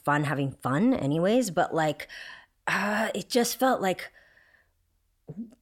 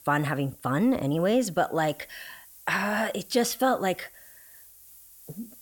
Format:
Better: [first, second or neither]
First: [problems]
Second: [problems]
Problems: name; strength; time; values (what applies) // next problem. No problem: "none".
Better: first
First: none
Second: hiss; faint; throughout; 20 dB below the speech